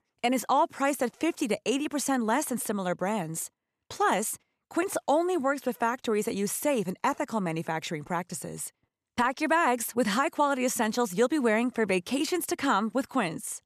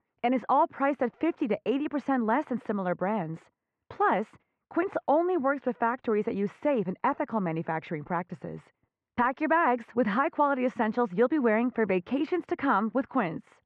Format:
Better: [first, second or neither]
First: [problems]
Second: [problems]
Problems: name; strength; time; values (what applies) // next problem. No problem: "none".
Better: first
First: none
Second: muffled; very; fading above 2 kHz